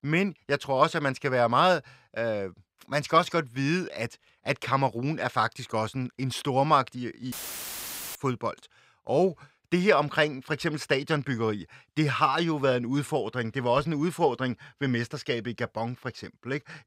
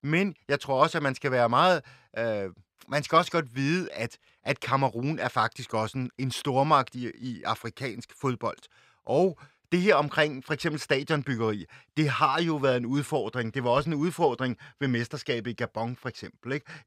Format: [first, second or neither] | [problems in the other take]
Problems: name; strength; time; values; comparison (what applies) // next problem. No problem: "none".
second | audio cutting out; filled with static; at 7.5 s for 1 s